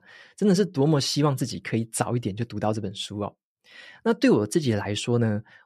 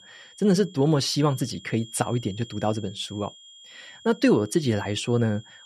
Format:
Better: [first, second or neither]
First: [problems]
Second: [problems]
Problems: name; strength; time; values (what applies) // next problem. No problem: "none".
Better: first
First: none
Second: high-pitched whine; faint; throughout; 3.5 kHz, 20 dB below the speech